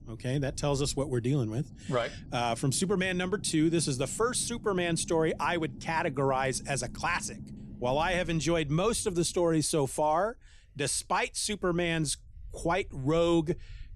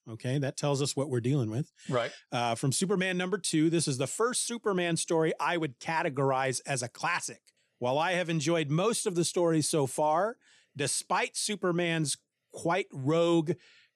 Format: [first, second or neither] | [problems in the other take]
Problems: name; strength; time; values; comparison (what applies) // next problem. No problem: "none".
second | low rumble; faint; throughout; 25 dB below the speech